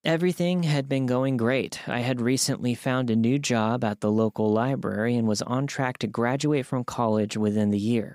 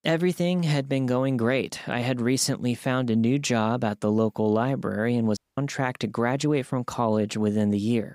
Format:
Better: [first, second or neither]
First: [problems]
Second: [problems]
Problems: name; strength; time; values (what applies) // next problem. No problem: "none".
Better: first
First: none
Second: audio cutting out; at 5.5 s